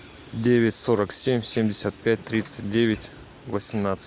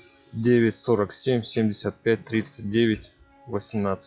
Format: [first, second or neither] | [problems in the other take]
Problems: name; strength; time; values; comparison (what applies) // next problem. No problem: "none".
first | noise reduction (classical method log-MMSE)